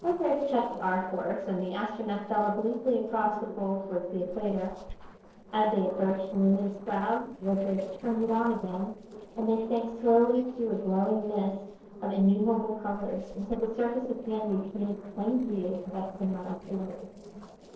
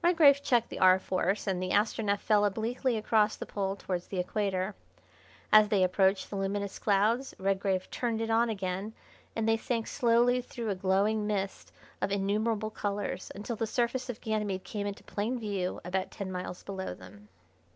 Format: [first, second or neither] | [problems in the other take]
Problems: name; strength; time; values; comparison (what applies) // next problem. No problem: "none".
second | noise reduction (neural separator model SepFormer DNS4)